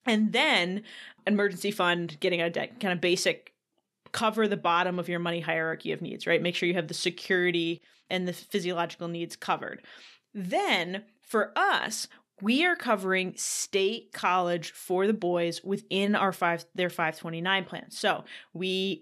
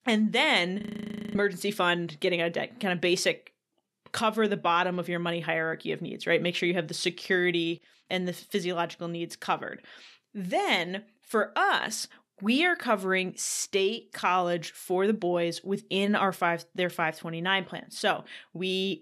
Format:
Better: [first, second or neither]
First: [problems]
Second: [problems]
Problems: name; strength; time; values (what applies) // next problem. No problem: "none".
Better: first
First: none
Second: audio freezing; at 1 s for 0.5 s